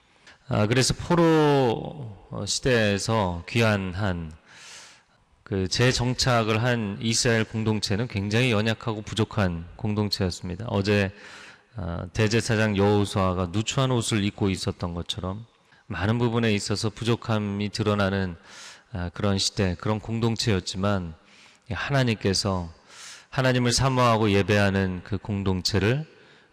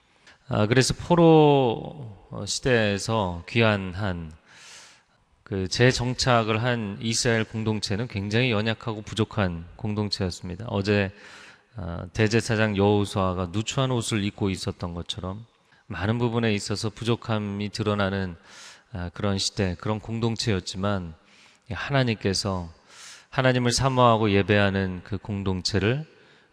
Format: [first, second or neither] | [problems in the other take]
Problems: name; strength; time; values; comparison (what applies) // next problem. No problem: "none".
second | distortion; slight; 4% of the sound clipped